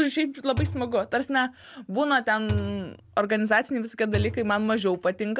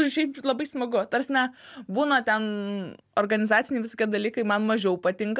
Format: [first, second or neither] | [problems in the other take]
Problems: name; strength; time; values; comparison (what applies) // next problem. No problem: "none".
second | background sound (Thump, thud); 7 dB below the speech